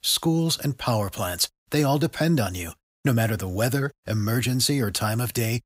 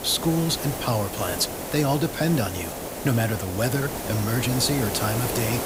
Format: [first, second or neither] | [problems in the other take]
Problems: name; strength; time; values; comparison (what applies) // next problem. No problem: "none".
first | hiss; loud; throughout; 5 dB below the speech